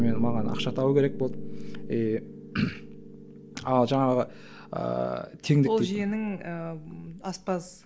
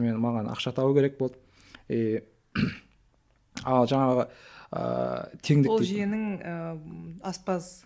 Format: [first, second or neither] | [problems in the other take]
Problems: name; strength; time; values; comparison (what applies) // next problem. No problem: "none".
second | background sound (Piano); 7 dB below the speech